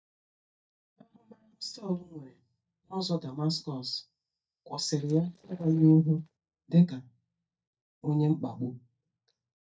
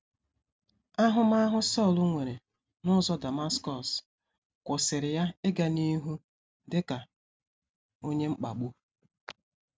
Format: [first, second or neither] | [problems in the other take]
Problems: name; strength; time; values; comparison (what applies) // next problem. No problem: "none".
second | noise reduction (neural mask model DeepFilterNet 3)